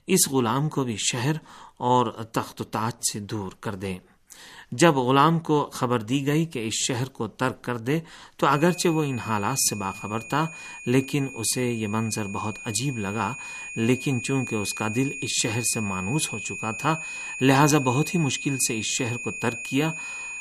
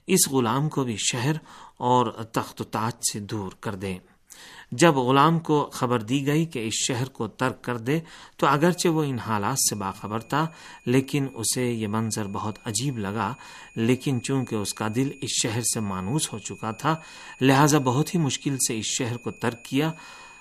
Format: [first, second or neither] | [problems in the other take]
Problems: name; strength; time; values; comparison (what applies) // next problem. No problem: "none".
second | high-pitched whine; loud; from 8.5 s on; 2.5 kHz, 9 dB below the speech; faint in the second